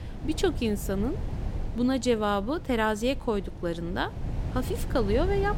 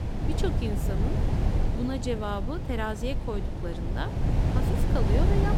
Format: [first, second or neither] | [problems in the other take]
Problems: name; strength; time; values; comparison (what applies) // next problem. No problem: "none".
first | wind noise on the microphone; heavy; 2 dB below the speech; occasional gusts in the first